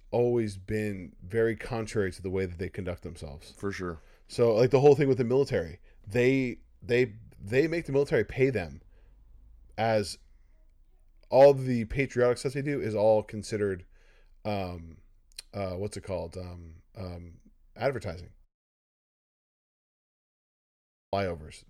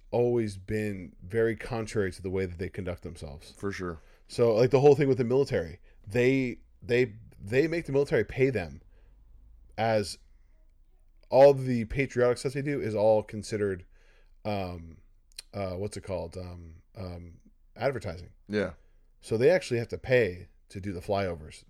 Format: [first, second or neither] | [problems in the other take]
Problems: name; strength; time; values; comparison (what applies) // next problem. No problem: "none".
second | audio cutting out; at 18 s for 2.5 s